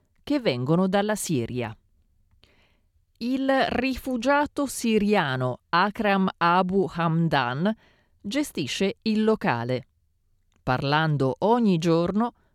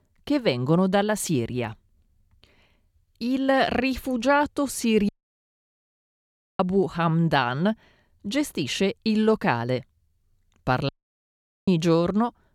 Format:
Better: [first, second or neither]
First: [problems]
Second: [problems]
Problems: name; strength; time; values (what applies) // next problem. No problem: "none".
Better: first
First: none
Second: audio cutting out; at 5 s for 1.5 s and at 11 s for 1 s